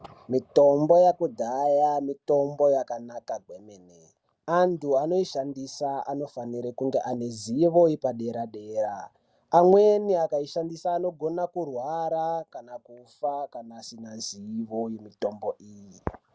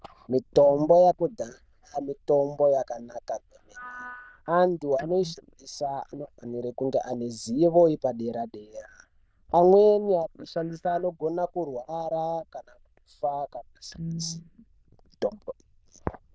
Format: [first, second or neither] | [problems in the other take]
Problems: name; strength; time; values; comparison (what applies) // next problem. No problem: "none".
first | noise reduction (neural diffusion model UNIVERSE++)